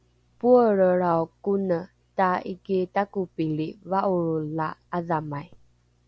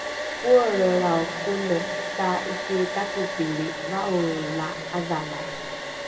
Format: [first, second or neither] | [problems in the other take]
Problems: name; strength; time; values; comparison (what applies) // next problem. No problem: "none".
first | background sound (Domestic sounds, home sounds); 6 dB below the speech // room echo; dies away in 2 s